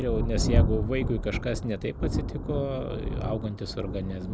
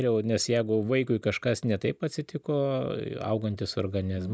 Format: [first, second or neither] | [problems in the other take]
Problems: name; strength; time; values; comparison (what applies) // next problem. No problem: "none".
second | background sound (Thunder); 2 dB above the speech